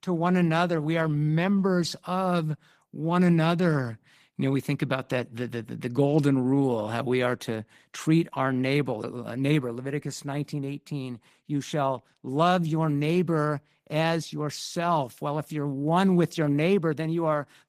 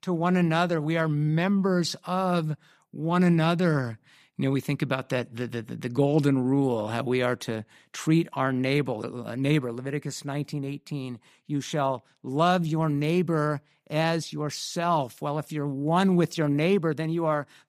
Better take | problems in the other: second | garbled, watery; slightly; nothing above 15 kHz

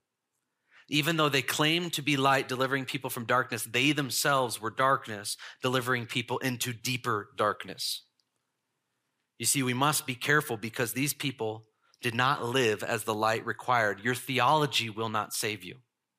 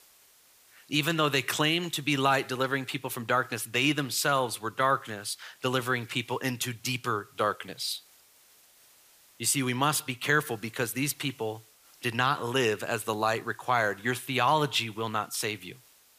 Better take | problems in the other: first | hiss; faint; throughout; 30 dB below the speech

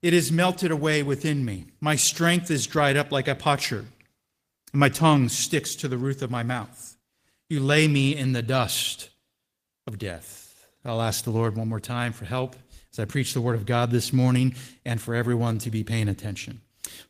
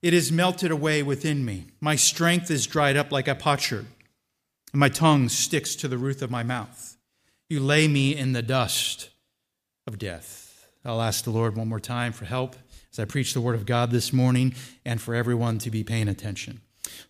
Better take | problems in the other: second | garbled, watery; slightly; nothing above 15 kHz

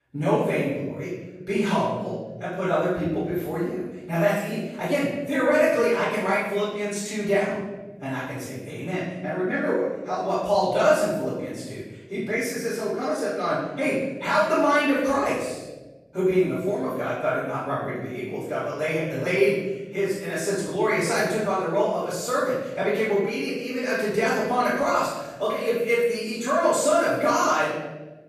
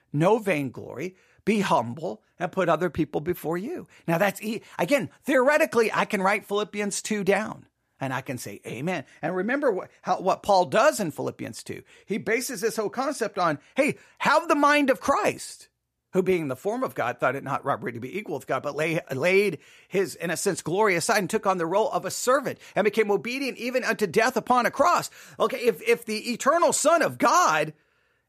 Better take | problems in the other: second | room echo; strong; dies away in 1.1 s // off-mic speech; far

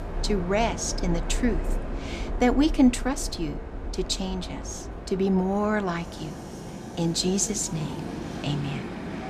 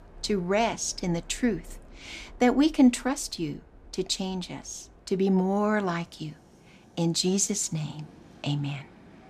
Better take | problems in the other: second | train or aircraft noise; loud; throughout; 9 dB below the speech; faint in the second

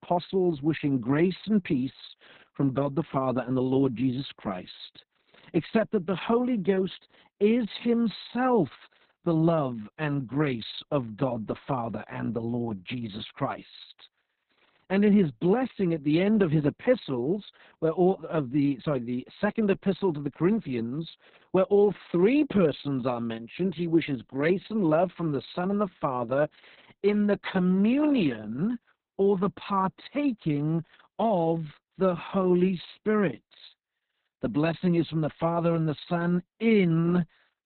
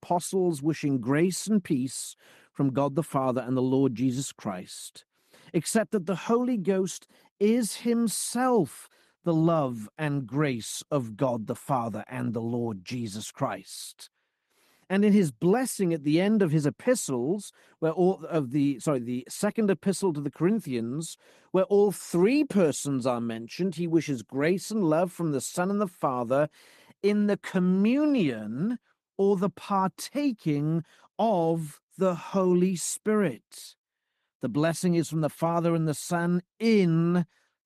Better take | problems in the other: second | garbled, watery; badly; nothing above 4 kHz; slightly in the second

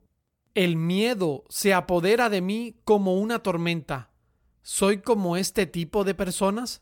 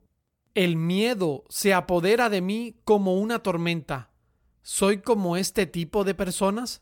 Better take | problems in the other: neither | none

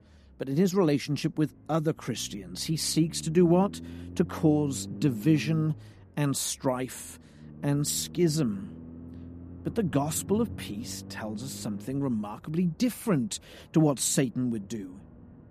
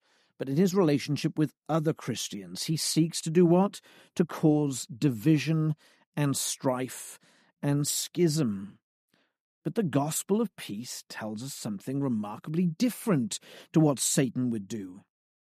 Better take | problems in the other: second | low rumble; noticeable; throughout; 20 dB below the speech

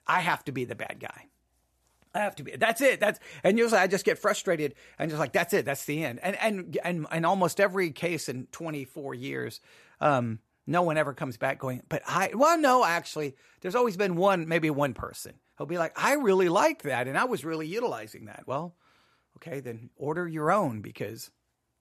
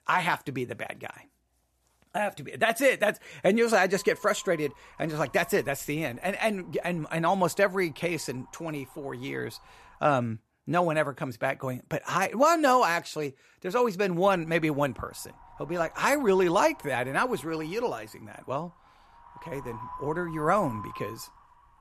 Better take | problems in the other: first | wind noise on the microphone; occasional gusts; from 4 to 10 s and from 14 s on; 20 dB below the speech

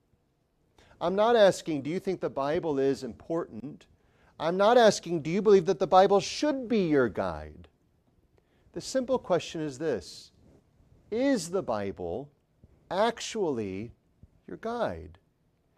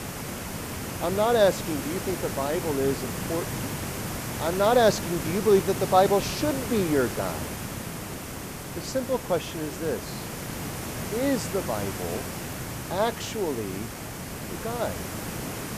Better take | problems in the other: first | hiss; loud; throughout; 6 dB below the speech

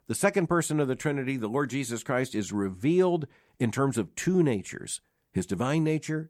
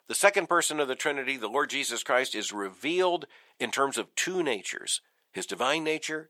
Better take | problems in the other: first | thin; very; fading below 600 Hz

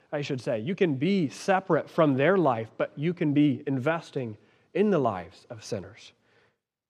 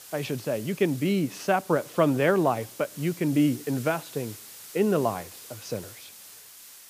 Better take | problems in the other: first | hiss; noticeable; throughout; 15 dB below the speech

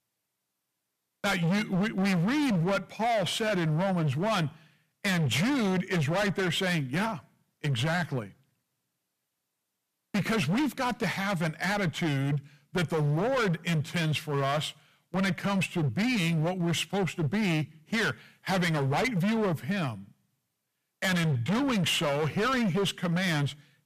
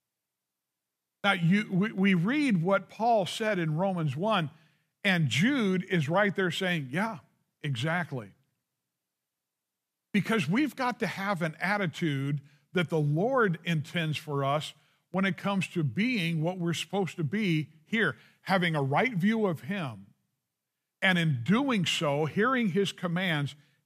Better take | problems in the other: second | distortion; heavy; 23% of the sound clipped

